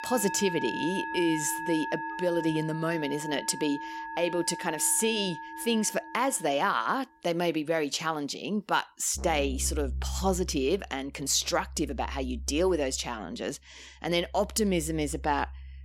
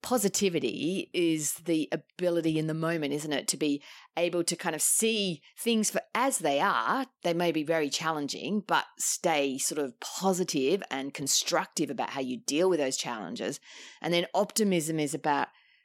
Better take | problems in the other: second | background music; loud; throughout; 9 dB below the speech

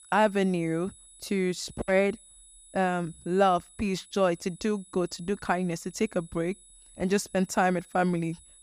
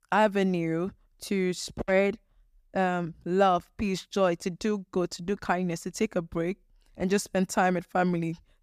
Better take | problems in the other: second | high-pitched whine; faint; throughout; 10 kHz, 25 dB below the speech

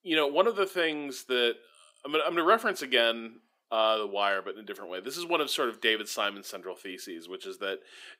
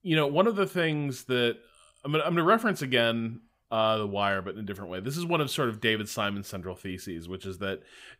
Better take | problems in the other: second | thin; somewhat; fading below 300 Hz

